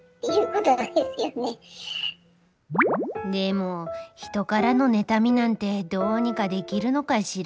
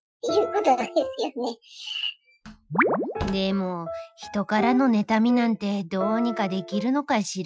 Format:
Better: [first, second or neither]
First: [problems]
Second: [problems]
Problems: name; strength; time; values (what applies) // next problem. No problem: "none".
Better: first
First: none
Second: noise reduction (classical method Wiener filter)